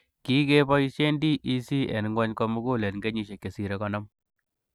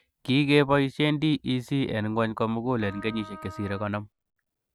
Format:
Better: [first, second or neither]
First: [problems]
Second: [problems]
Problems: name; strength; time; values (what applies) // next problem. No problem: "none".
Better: first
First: none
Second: background sound (Wind instrument, woodwind instrument); 19 dB below the speech